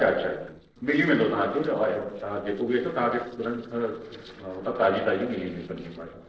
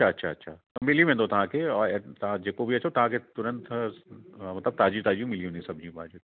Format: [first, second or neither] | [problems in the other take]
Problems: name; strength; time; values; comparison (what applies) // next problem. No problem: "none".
second | noise reduction (neural separator model SepFormer DNS4)